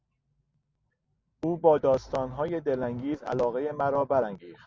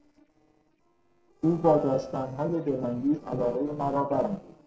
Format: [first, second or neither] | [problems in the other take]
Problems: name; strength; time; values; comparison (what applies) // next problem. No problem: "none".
first | noise reduction (neural separator model SepFormer DNS4)